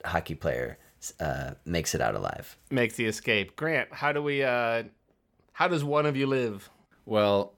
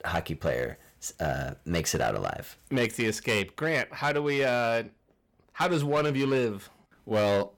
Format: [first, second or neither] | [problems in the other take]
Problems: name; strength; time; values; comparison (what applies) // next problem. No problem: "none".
first | distortion; slight; 6% of the sound clipped